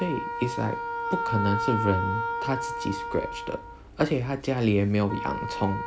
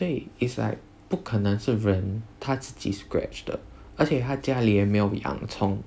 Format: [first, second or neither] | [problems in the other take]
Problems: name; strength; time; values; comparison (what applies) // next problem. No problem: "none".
second | background sound (Wind instrument, woodwind instrument); 4 dB below the speech